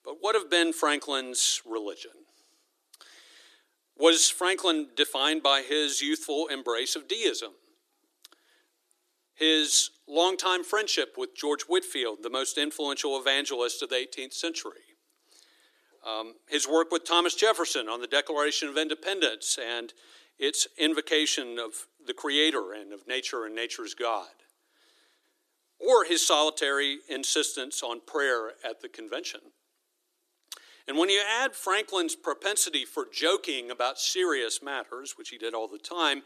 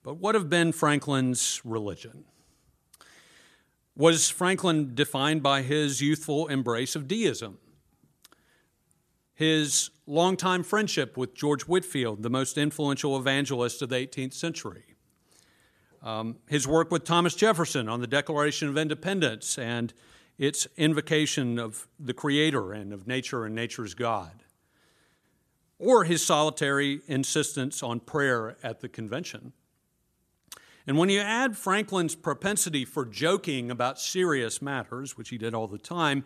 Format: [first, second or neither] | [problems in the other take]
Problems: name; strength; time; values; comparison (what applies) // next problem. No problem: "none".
second | thin; somewhat; fading below 300 Hz